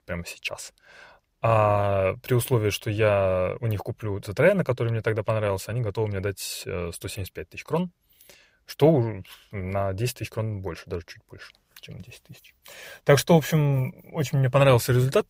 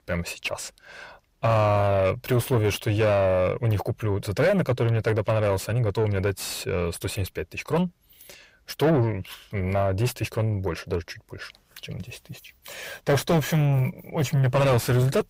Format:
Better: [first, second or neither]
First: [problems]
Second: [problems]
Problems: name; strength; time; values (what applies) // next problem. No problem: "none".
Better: first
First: none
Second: distortion; heavy; 8 dB below the speech